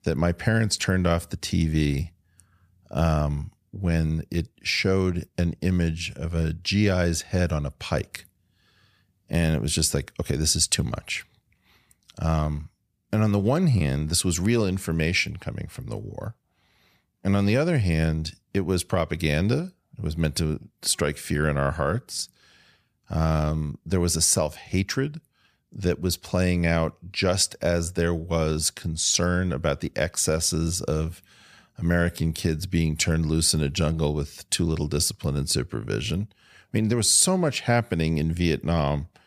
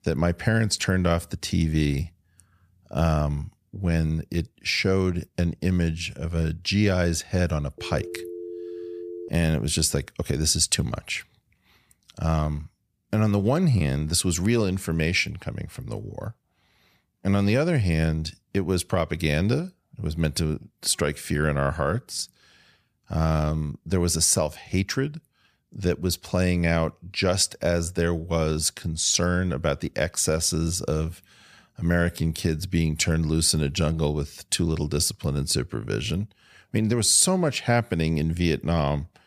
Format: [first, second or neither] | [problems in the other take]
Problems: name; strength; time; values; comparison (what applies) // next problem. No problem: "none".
first | phone ringing; faint; from 8 to 9.5 s; peak 10 dB below the speech